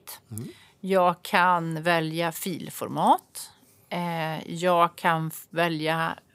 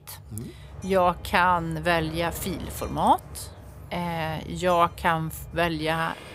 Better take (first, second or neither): first